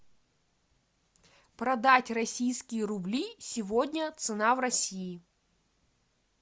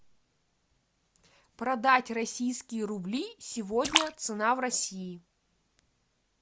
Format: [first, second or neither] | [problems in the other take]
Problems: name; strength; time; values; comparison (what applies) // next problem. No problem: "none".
first | background sound (Splash, splatter); 3 dB below the speech